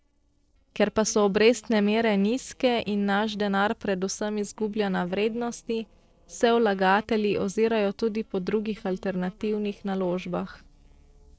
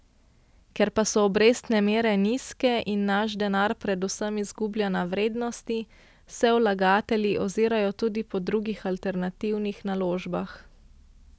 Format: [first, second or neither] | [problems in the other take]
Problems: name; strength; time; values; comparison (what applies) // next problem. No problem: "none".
second | noise reduction (neural separator model SepFormer DNS4)